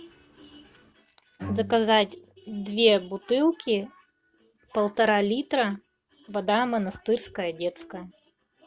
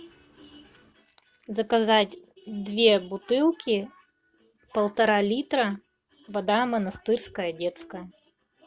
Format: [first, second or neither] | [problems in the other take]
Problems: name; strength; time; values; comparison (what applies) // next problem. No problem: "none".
second | background sound (Bowed string instrument); 13 dB below the speech